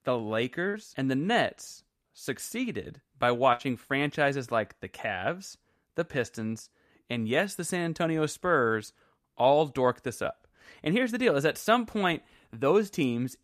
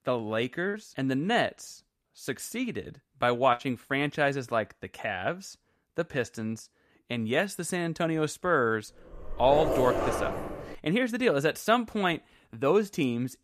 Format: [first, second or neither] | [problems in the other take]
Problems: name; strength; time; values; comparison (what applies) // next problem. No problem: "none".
first | dog barking; loud; from 9 to 11 s; peak 1 dB above the speech